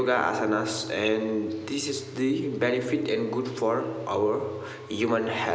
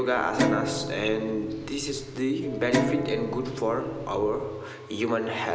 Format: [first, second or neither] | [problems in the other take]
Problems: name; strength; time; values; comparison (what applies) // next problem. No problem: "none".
first | background sound (Guitar); 4 dB below the speech